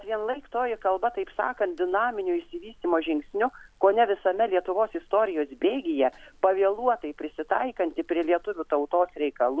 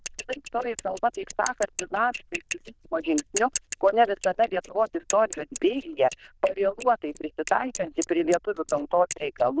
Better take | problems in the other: first | noise reduction (neural diffusion model UNIVERSE++)

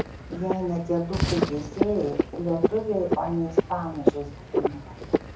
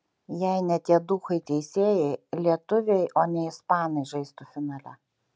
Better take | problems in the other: second | background sound (Frog); 1 dB above the speech // room echo; dies away in 0.5 s

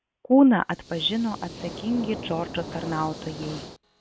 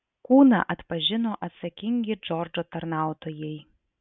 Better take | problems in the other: second | background sound (Hiss); 13 dB below the speech

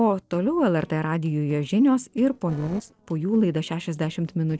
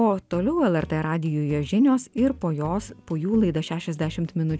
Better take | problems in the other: second | noise reduction (neural separator model SepFormer DNS4)

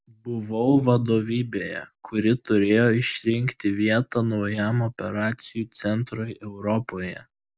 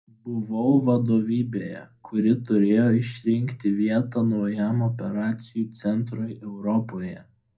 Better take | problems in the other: first | room echo; dies away in 0.2 s

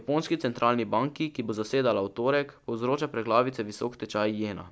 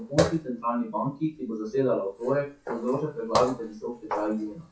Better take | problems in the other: first | noise reduction (classical method WPE with log-MMSE)

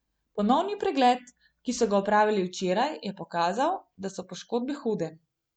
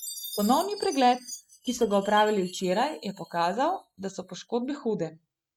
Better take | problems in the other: first | noise reduction (neural mask model RNNoise)

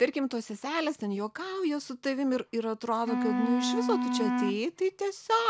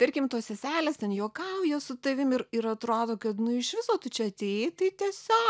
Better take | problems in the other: second | background sound (Wind instrument, woodwind instrument); 2 dB below the speech

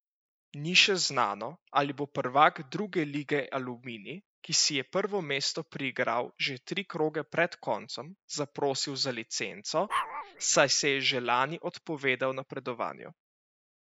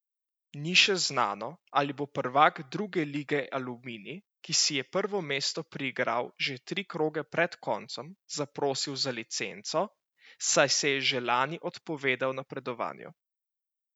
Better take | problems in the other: second | noise reduction (neural mask model Resemble Enhance denoiser)

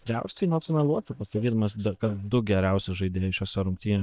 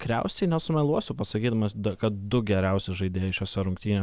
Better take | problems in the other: second | noise reduction (neural mask model DeepFilterNet 3)

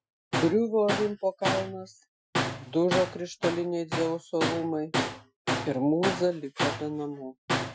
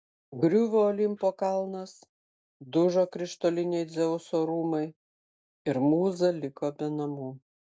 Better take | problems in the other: second | noise reduction (classical method Wiener filter)

